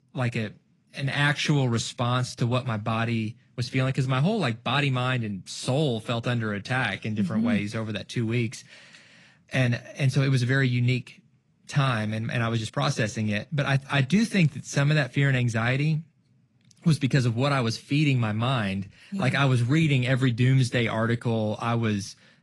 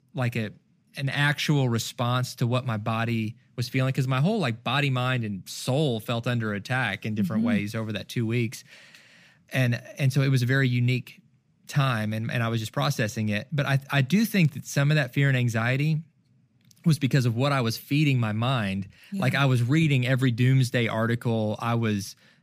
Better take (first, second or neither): second